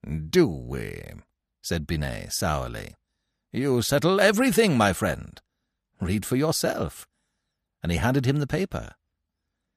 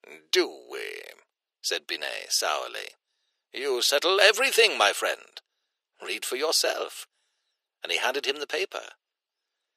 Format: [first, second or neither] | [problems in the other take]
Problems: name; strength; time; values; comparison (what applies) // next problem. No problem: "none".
first | thin; very; fading below 400 Hz